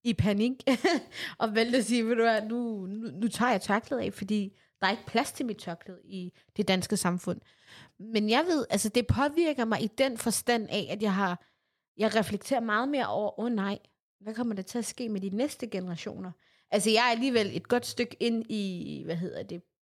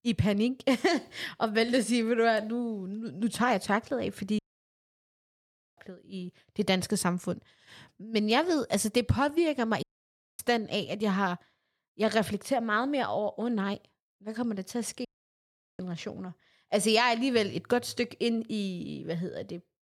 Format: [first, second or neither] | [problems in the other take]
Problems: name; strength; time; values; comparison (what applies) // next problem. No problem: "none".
first | audio cutting out; at 4.5 s for 1.5 s, at 10 s for 0.5 s and at 15 s for 0.5 s